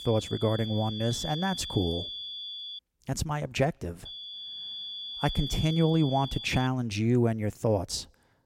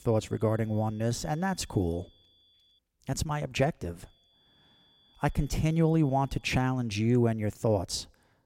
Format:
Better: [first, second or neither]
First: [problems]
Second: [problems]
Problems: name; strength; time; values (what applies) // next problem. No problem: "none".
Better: second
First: high-pitched whine; loud; until 3 s and from 4 to 6.5 s; 3.5 kHz, 8 dB below the speech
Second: high-pitched whine; faint; until 3 s and from 4 to 6.5 s; 3.5 kHz, 35 dB below the speech